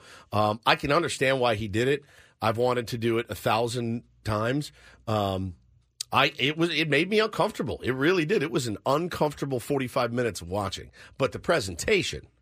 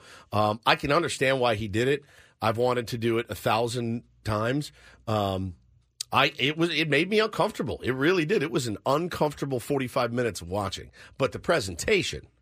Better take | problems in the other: neither | none

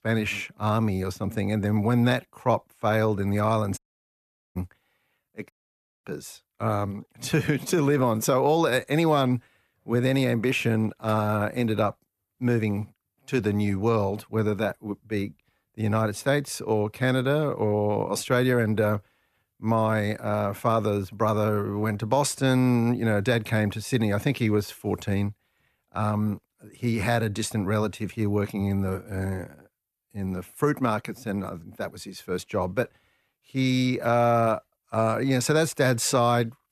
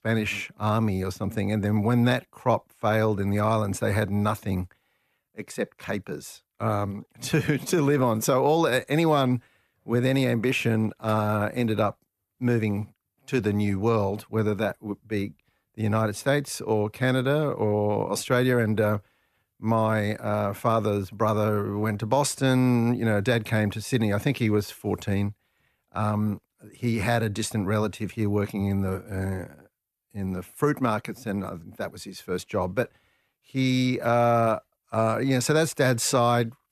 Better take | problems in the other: second | audio cutting out; at 4 s for 1 s and at 5.5 s for 0.5 s

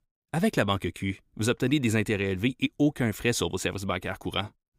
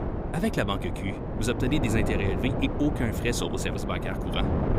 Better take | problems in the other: first | wind noise on the microphone; heavy; 4 dB below the speech

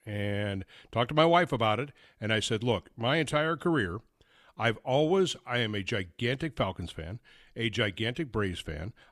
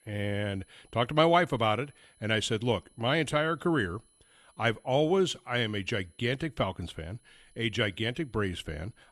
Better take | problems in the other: first | high-pitched whine; faint; throughout; 10 kHz, 35 dB below the speech

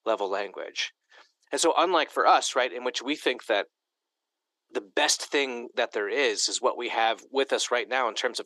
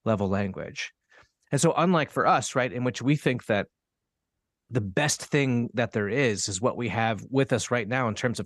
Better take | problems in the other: second | thin; very; fading below 350 Hz

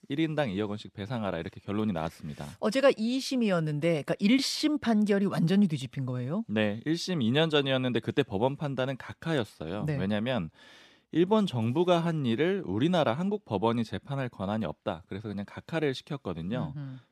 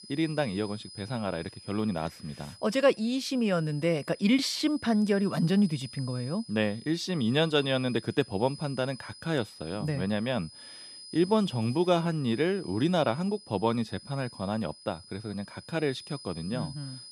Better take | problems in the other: first | high-pitched whine; noticeable; throughout; 5 kHz, 20 dB below the speech

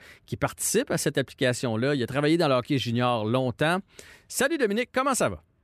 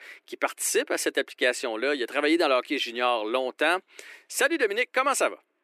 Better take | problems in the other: first | thin; somewhat; fading below 300 Hz

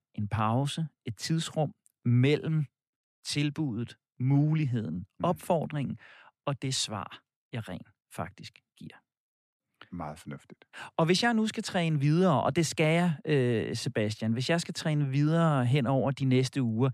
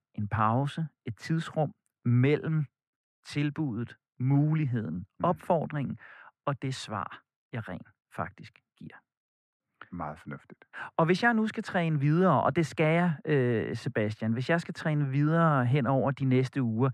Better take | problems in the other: first | muffled; slightly; fading above 2.5 kHz

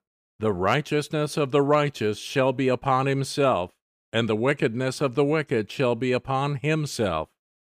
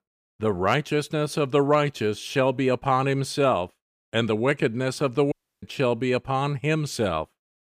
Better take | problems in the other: first | audio cutting out; at 5.5 s

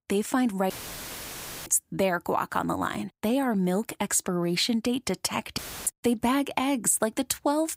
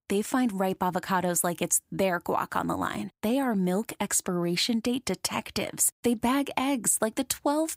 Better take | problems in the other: second | audio cutting out; filled with static; at 0.5 s for 1 s and at 5.5 s

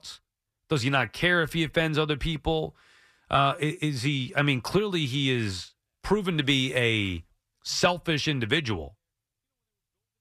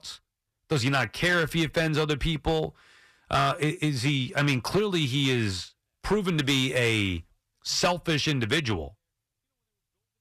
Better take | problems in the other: first | distortion; slight; 4% of the sound clipped

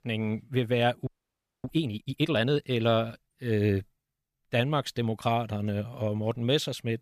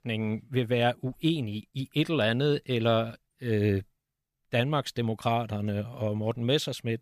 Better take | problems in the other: second | audio freezing; at 1 s for 0.5 s

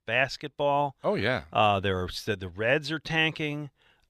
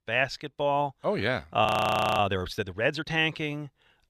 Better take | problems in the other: first | audio freezing; at 1.5 s for 0.5 s

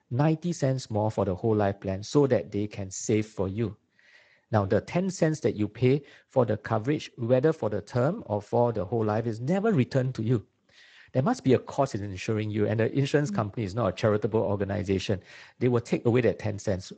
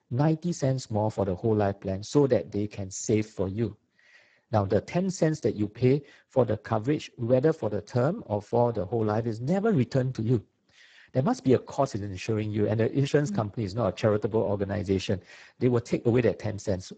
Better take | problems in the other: first | garbled, watery; badly; nothing above 7.5 kHz; slightly in the first

